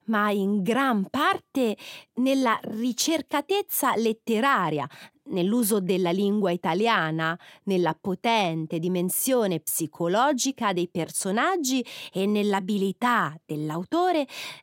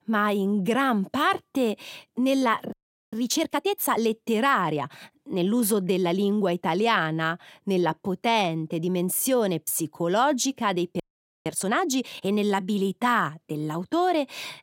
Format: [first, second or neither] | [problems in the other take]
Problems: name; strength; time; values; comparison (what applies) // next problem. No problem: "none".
first | audio freezing; at 2.5 s and at 11 s